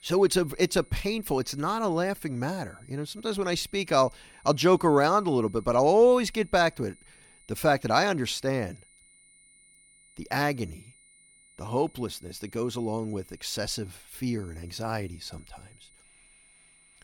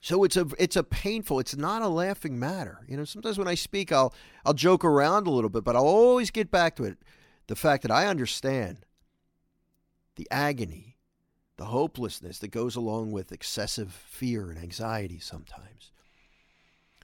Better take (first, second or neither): second